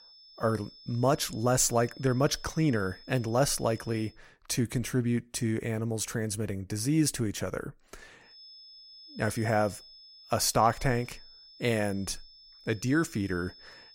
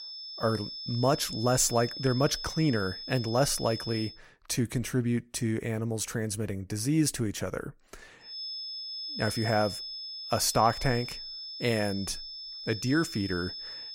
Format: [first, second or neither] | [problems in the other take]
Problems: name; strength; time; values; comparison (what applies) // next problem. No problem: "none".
first | high-pitched whine; loud; until 4 s and from 8.5 s on; 5 kHz, 8 dB below the speech; faint in the first